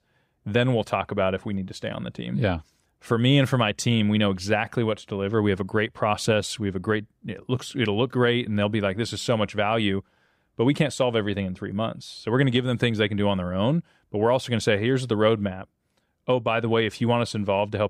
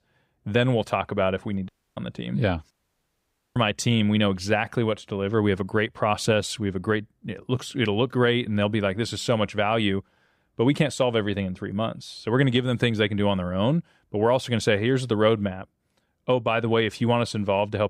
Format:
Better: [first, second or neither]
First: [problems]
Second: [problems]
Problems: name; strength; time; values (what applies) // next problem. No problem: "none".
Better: first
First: none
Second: audio cutting out; at 1.5 s and at 2.5 s for 1 s